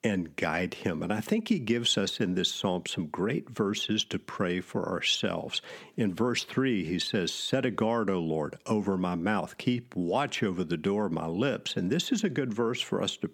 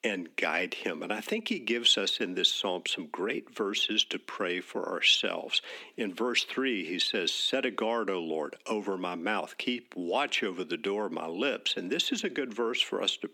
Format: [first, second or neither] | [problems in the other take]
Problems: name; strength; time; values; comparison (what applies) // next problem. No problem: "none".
first | thin; very slightly; fading below 250 Hz